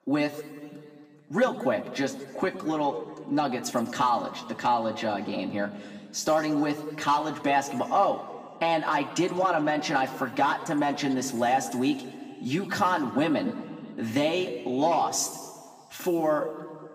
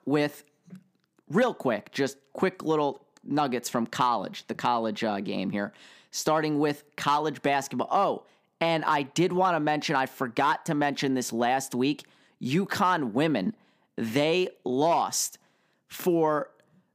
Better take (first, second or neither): second